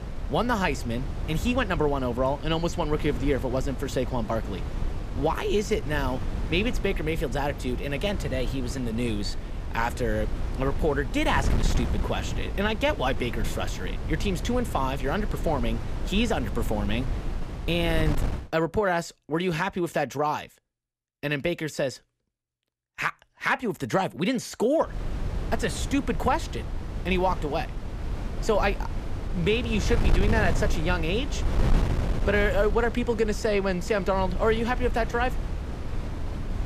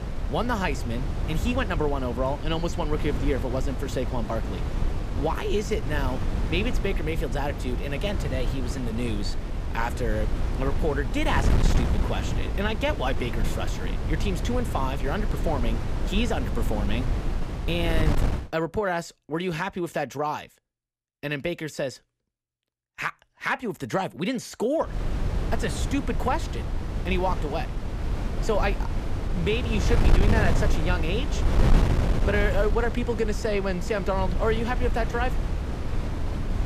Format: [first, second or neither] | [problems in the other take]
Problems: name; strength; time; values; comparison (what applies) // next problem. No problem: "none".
first | wind noise on the microphone; heavy; until 18 s and from 25 s on; 7 dB below the speech; occasional gusts in the first